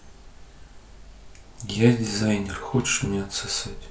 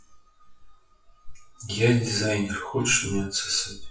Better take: first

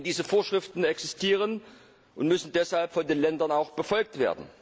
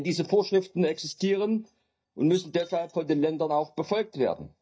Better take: first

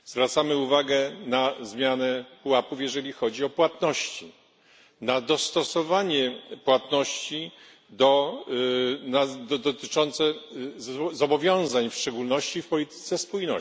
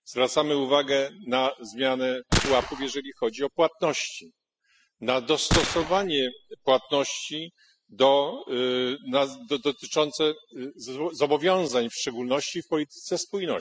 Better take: first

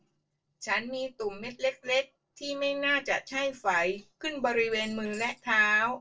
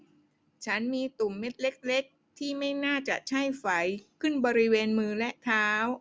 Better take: second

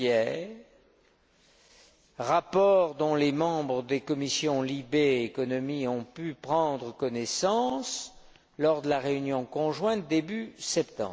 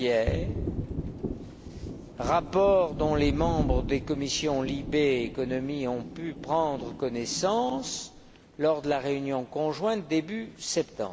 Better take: first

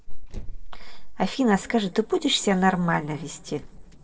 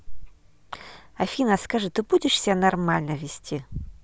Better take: second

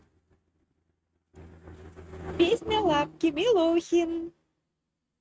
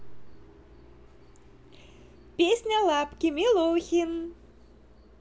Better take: second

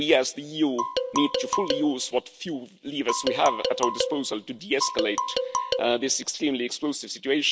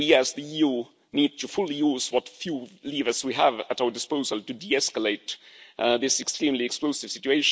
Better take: second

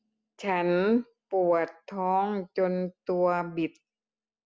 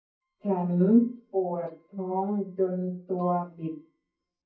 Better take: first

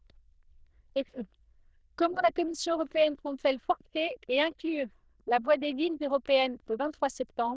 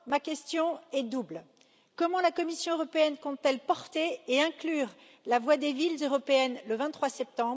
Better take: second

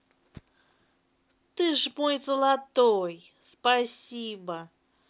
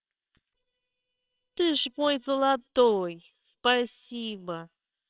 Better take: first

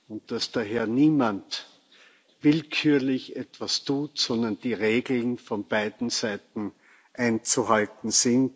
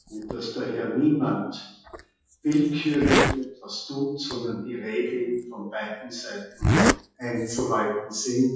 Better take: first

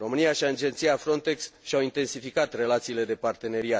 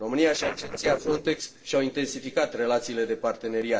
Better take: first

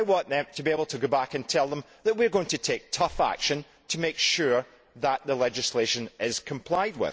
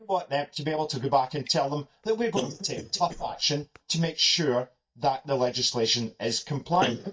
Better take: first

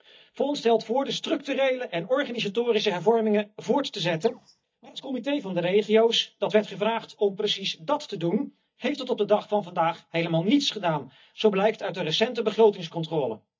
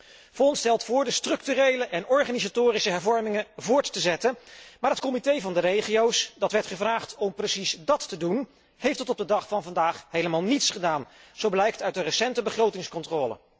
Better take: second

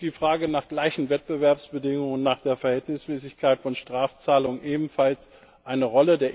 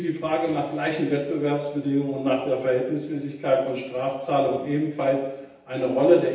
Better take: first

